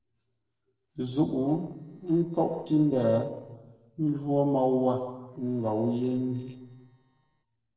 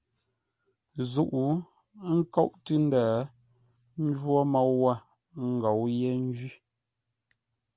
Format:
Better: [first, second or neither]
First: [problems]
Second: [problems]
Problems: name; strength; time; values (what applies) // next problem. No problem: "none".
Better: second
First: noise reduction (neural separator model SepFormer DNS4)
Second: none